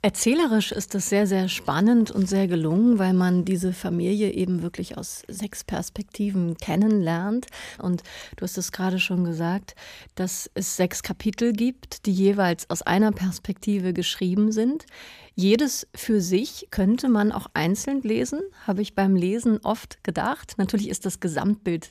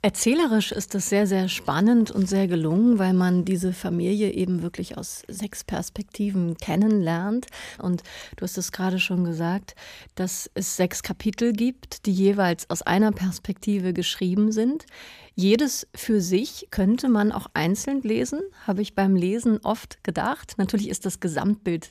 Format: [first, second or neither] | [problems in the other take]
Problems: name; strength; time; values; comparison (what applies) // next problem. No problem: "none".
neither | none